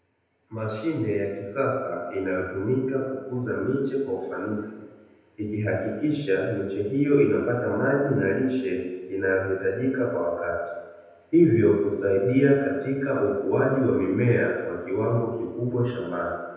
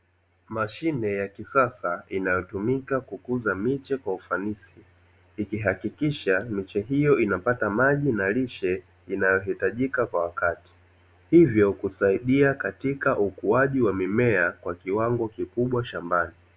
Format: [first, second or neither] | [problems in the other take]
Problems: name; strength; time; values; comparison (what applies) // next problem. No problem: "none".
second | room echo; dies away in 1 s